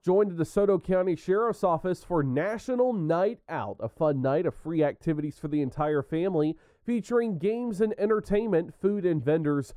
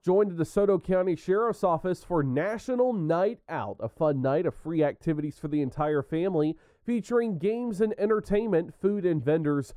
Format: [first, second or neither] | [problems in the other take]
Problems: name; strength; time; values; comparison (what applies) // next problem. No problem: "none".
neither | muffled; very; fading above 1.5 kHz; the same in both